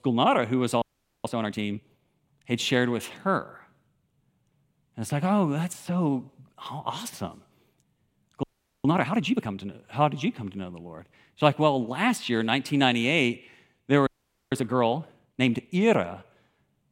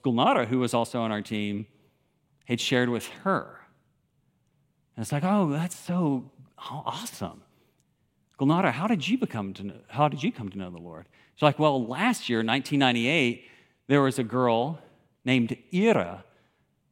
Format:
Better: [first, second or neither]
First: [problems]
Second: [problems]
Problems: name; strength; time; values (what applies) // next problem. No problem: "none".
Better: second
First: audio freezing; at 1 s, at 8.5 s and at 14 s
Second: none